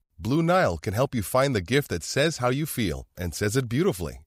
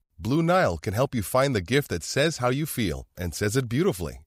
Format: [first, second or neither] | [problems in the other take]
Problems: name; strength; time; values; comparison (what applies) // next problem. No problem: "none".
neither | none